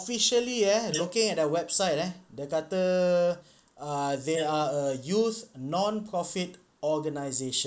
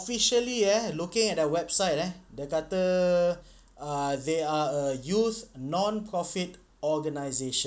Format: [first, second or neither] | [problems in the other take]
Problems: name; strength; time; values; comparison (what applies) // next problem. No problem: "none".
second | noise reduction (neural mask model Resemble Enhance denoiser)